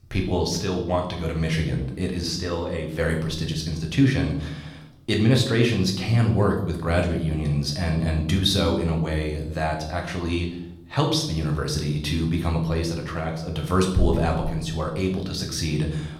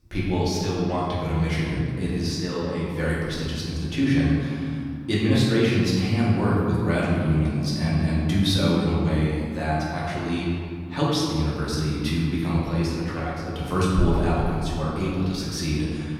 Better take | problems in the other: first | room echo; strong; dies away in 2.2 s; slight in the first // off-mic speech; far; somewhat distant in the first

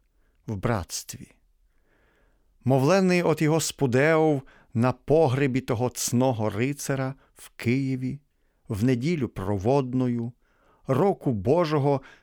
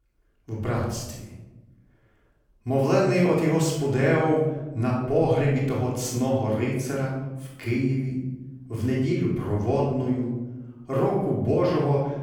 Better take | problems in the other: first | off-mic speech; far // room echo; noticeable; dies away in 1 s

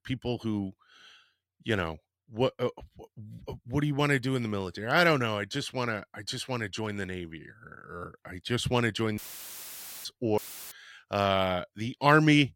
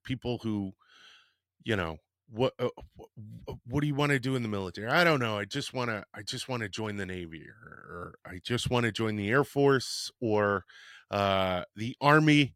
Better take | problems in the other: second | audio cutting out; filled with static; at 9 s for 1 s and at 10 s

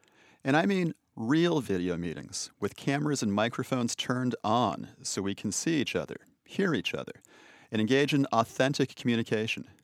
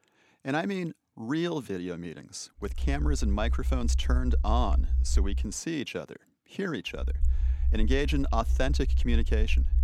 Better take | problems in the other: first | low rumble; noticeable; from 2.5 to 5.5 s and from 7 s on; 15 dB below the speech

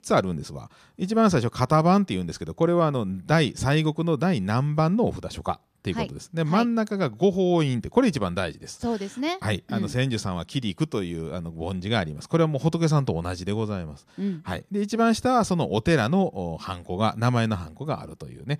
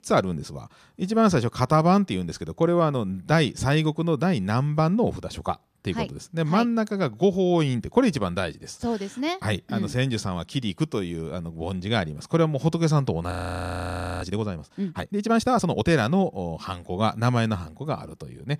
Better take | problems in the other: first | audio freezing; at 13 s for 1 s

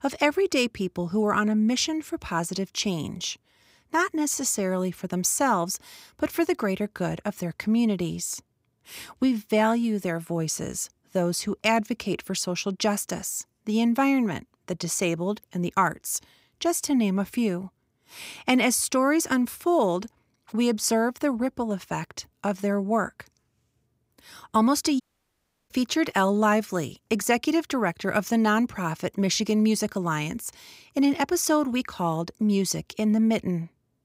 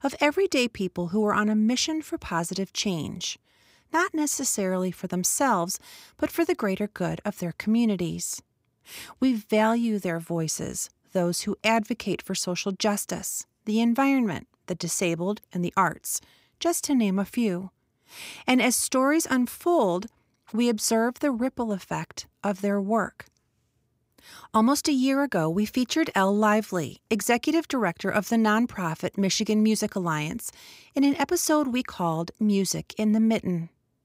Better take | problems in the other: second | audio cutting out; at 25 s for 0.5 s

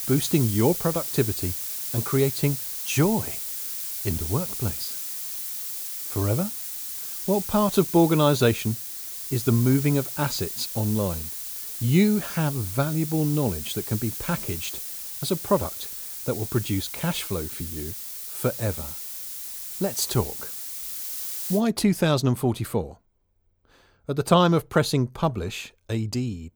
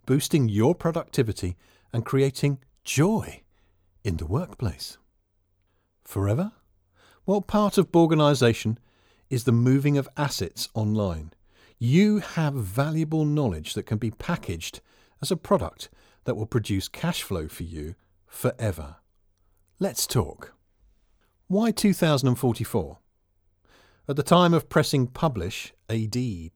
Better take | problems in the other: second | hiss; loud; until 22 s; 5 dB below the speech

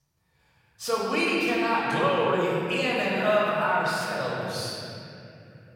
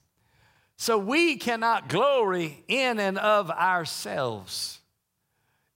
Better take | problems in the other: second | room echo; strong; dies away in 3 s // off-mic speech; far

